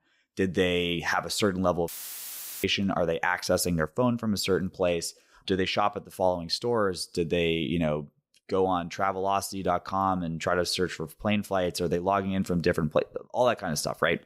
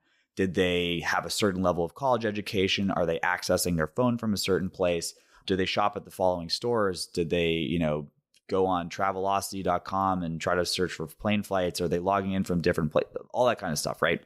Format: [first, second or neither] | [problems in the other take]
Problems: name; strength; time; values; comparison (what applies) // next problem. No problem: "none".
second | audio cutting out; filled with static; at 2 s for 1 s